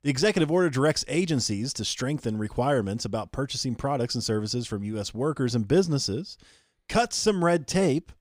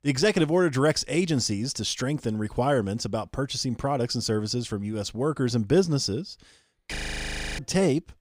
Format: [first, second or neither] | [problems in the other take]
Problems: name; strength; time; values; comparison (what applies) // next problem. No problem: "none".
first | audio freezing; at 7 s for 0.5 s